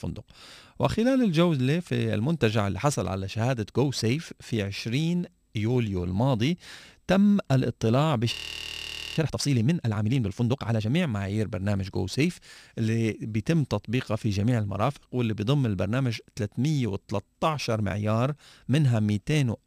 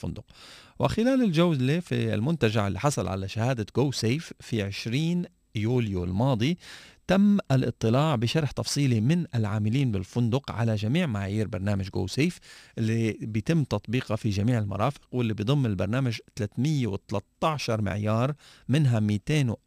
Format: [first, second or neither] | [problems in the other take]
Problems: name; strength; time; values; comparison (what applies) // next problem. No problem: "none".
second | audio freezing; at 8.5 s for 1 s